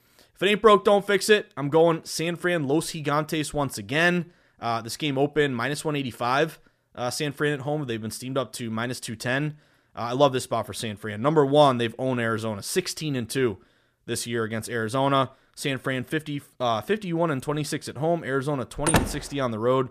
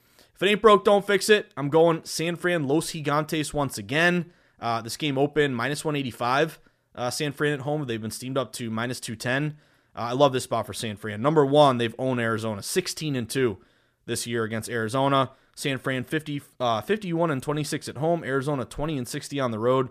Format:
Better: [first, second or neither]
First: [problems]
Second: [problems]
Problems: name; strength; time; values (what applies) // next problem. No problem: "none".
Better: second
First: door banging; loud; at 19 s; peak 2 dB above the speech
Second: none